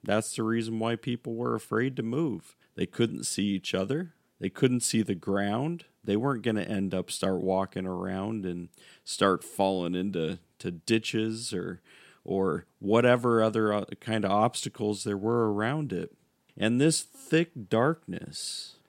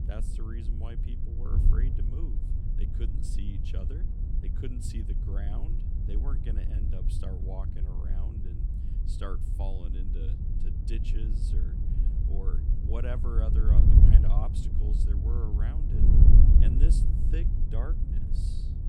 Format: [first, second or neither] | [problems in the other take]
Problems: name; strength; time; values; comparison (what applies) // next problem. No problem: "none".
first | wind noise on the microphone; heavy; 1 dB above the speech